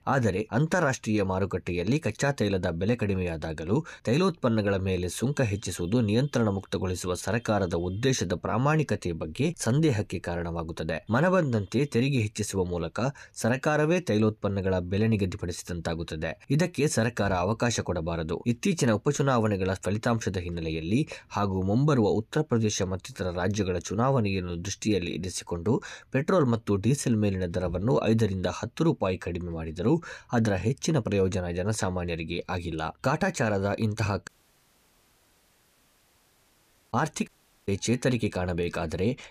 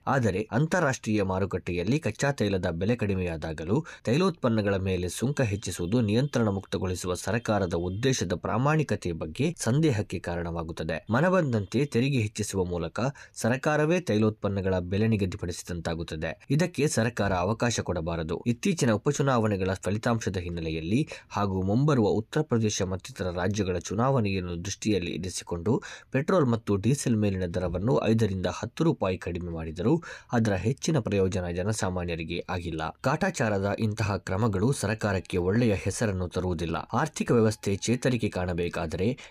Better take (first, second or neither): second